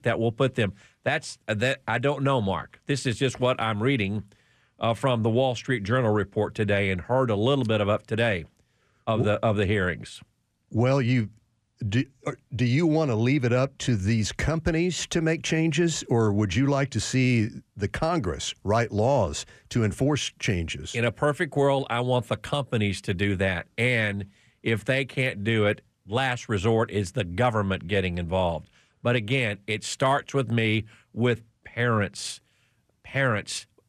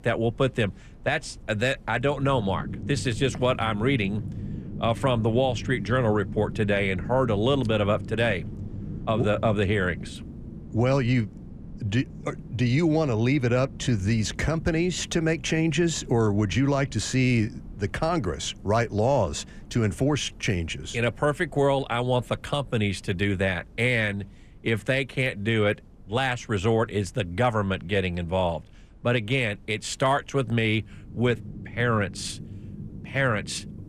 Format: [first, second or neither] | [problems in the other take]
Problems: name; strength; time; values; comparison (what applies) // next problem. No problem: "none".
first | low rumble; faint; throughout; 20 dB below the speech